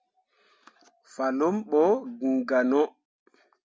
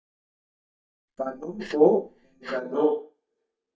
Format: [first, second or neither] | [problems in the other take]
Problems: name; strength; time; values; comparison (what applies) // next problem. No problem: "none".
first | noise reduction (neural mask model DeepFilterNet 3)